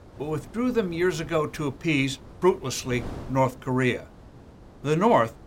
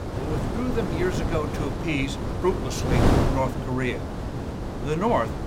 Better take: first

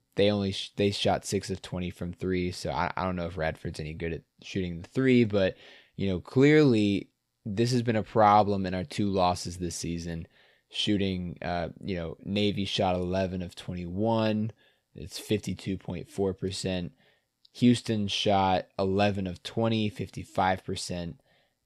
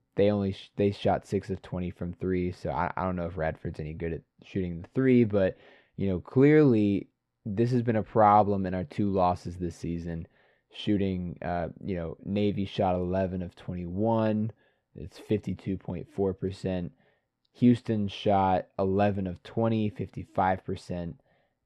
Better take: first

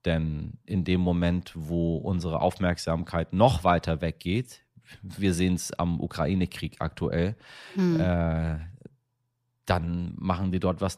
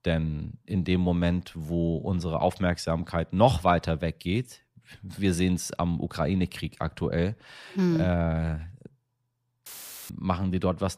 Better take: first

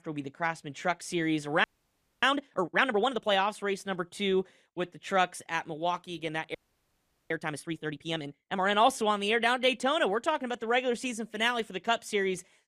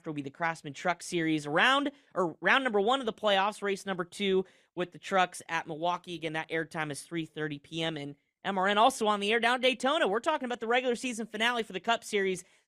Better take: second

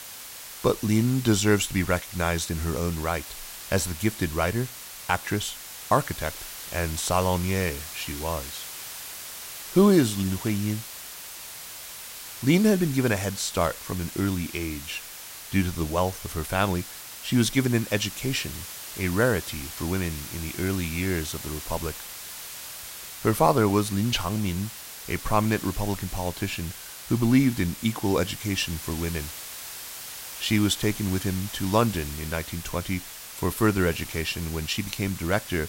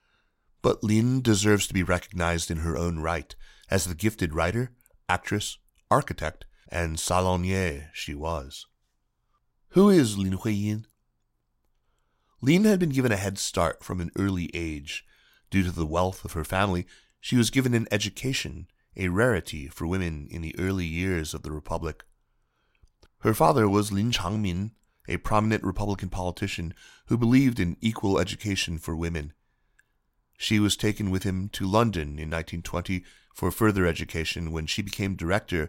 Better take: second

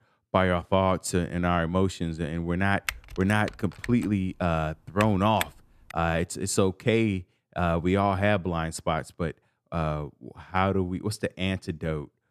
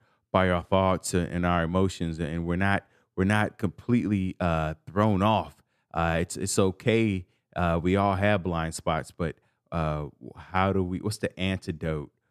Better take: second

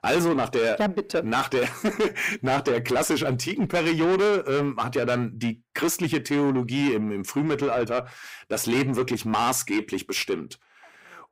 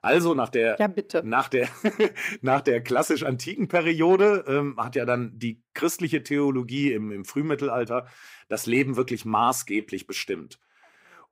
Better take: second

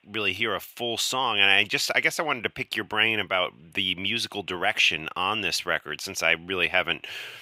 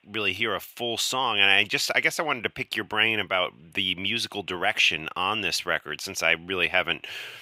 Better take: neither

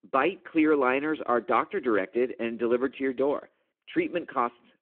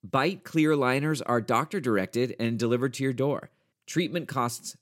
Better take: second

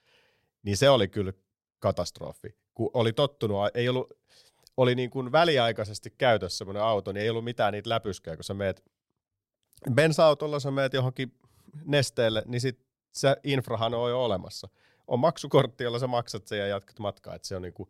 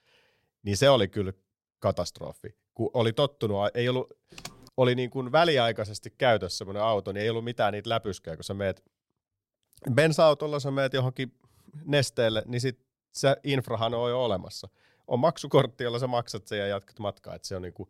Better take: first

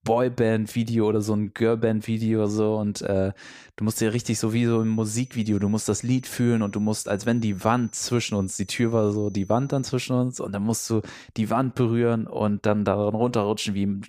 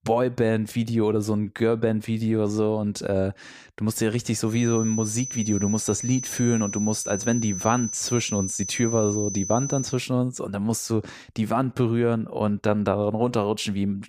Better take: first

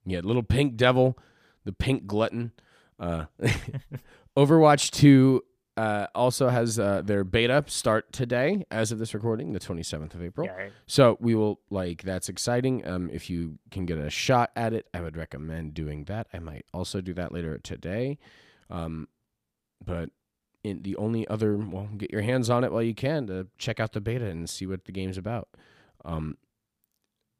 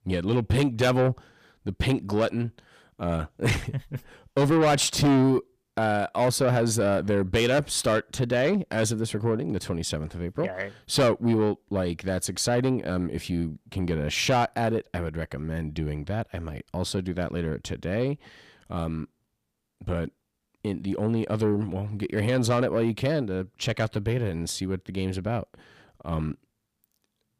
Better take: first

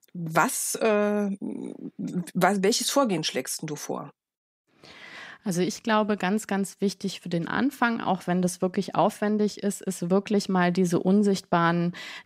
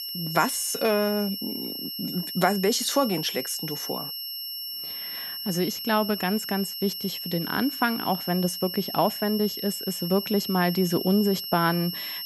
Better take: first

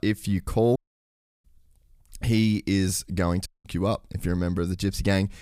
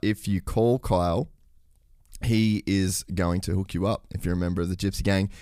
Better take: second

